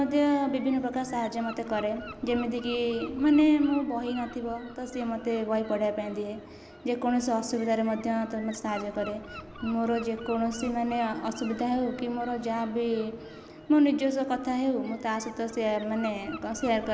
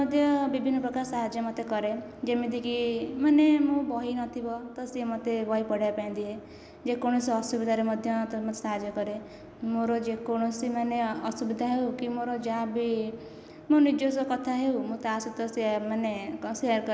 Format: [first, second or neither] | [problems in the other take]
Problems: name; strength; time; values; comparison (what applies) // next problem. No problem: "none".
second | background sound (Gull, seagull / Wind); 20 dB below the speech